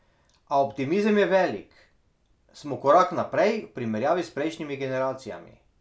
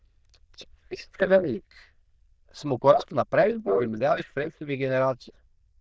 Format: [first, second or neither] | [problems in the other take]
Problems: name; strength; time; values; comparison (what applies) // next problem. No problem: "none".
first | noise reduction (neural diffusion model UNIVERSE++)